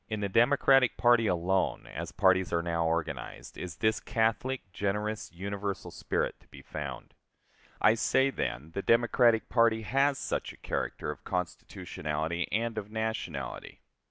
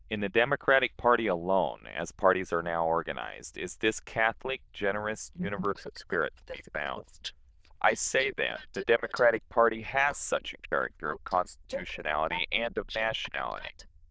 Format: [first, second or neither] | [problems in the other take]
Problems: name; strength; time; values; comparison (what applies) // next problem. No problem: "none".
first | noise reduction (neural diffusion model UNIVERSE++)